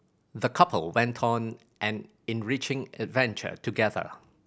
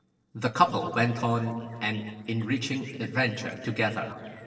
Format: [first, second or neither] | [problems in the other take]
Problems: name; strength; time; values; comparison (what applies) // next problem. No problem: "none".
first | noise reduction (neural separator model SepFormer DNS4)